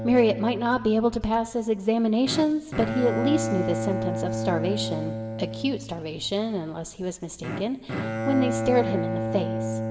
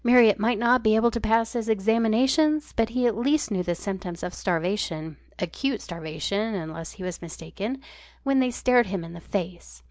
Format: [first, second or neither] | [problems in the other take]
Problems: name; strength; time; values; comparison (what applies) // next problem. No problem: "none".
second | background sound (Bowed string instrument); 5 dB below the speech // room echo; dies away in 1.5 s